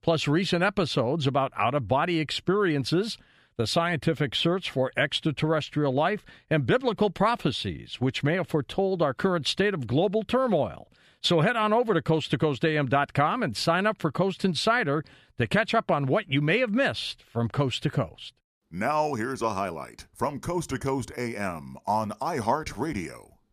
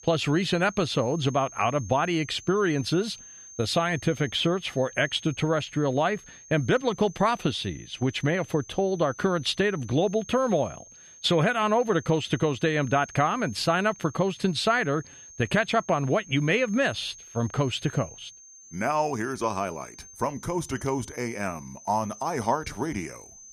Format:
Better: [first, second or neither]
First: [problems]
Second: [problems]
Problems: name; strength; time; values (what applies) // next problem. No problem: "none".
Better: first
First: none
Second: high-pitched whine; noticeable; throughout; 6.5 kHz, 20 dB below the speech